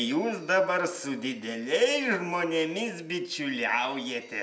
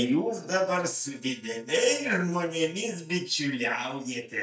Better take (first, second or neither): first